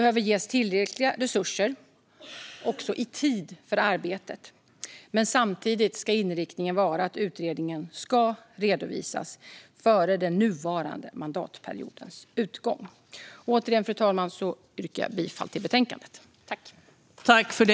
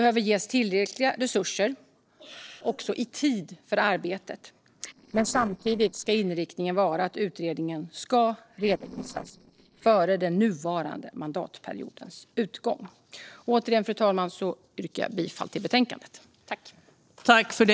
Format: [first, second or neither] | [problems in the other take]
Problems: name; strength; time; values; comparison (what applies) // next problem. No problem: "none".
first | noise reduction (neural separator model SepFormer DNS4)